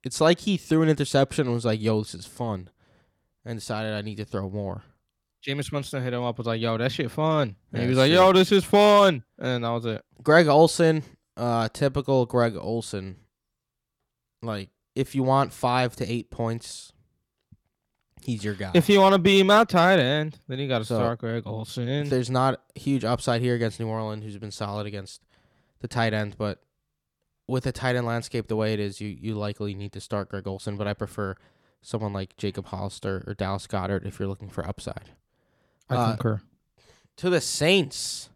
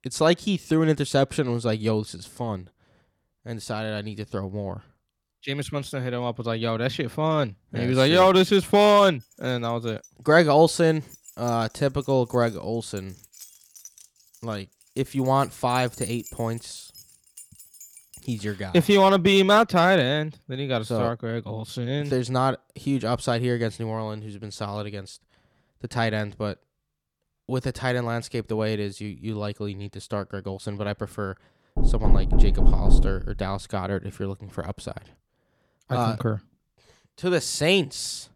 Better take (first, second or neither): first